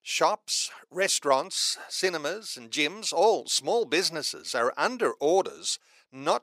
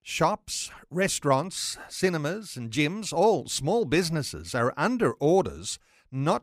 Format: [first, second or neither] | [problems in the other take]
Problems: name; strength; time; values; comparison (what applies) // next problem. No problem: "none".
second | thin; somewhat; fading below 450 Hz